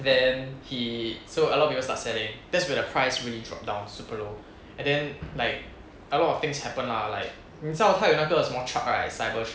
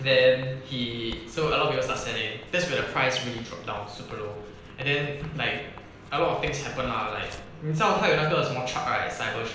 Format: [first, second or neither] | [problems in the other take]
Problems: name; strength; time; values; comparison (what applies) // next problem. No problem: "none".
first | background sound (Writing); 20 dB below the speech // room echo; dies away in 0.9 s